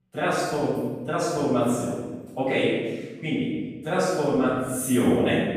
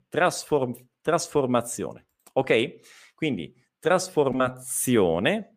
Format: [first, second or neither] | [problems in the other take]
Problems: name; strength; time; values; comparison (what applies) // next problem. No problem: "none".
second | room echo; strong; dies away in 1.2 s // off-mic speech; far